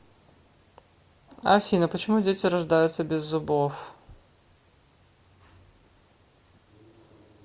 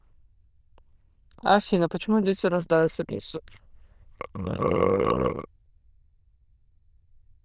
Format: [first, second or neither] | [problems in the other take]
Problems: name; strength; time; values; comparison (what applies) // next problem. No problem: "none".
first | noise reduction (neural diffusion model UNIVERSE++)